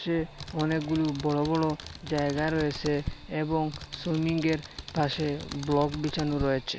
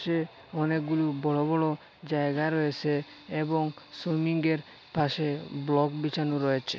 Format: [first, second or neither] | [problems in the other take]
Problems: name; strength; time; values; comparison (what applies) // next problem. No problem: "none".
second | background sound (Computer keyboard); 12 dB below the speech